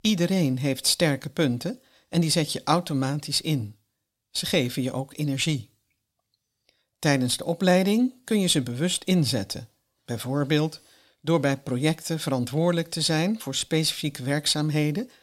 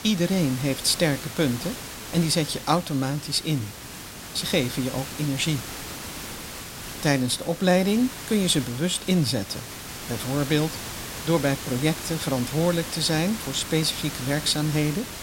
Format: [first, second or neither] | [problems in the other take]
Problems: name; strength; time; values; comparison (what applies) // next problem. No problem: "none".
first | hiss; loud; throughout; 10 dB below the speech